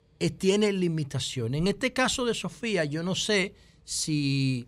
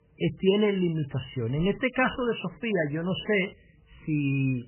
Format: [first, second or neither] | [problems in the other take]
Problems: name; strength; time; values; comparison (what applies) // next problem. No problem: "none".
first | garbled, watery; badly; nothing above 3 kHz